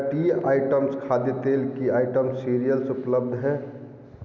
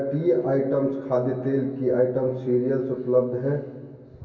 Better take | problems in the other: first | room echo; dies away in 0.2 s

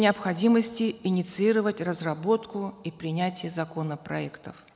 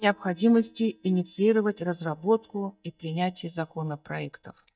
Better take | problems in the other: first | noise reduction (neural mask model DeepFilterNet 3)

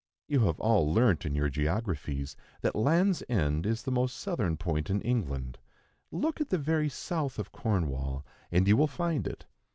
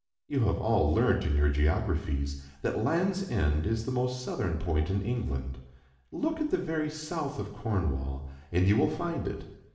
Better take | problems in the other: first | room echo; dies away in 0.8 s

